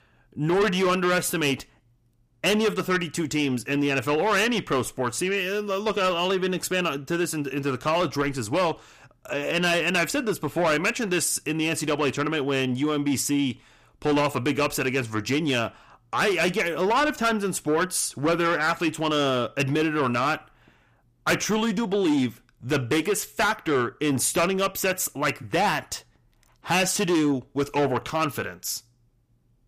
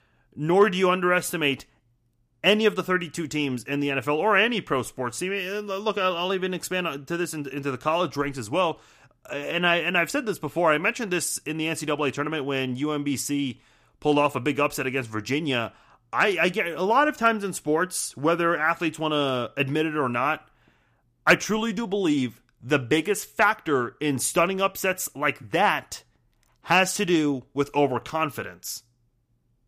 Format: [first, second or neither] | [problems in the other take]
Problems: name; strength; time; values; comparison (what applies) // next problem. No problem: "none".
second | distortion; heavy; 8 dB below the speech